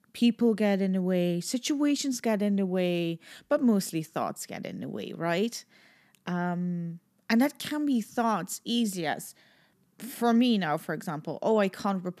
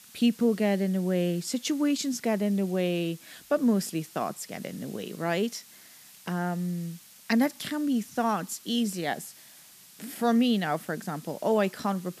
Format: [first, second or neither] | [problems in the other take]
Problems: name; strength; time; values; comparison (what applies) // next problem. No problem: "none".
first | hiss; faint; throughout; 20 dB below the speech